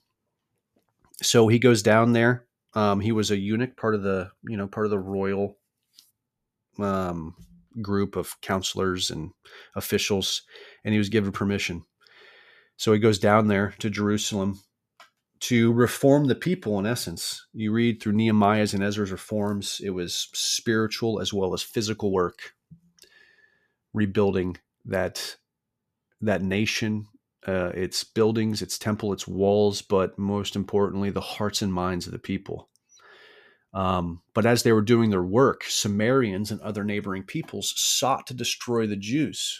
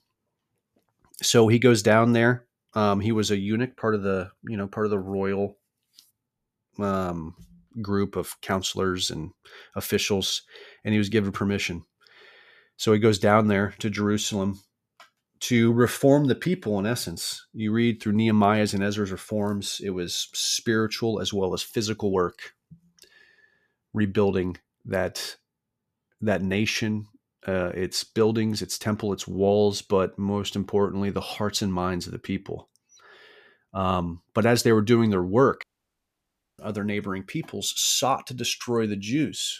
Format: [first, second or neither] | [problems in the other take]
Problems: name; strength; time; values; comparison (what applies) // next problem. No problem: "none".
first | audio cutting out; at 36 s for 1 s